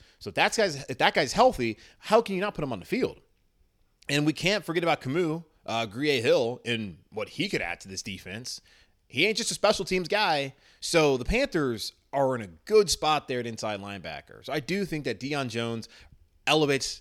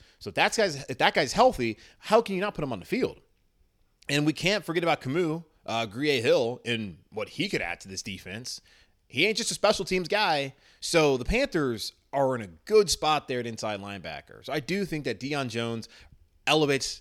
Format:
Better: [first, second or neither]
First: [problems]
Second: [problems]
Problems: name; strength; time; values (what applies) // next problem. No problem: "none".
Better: neither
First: none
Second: none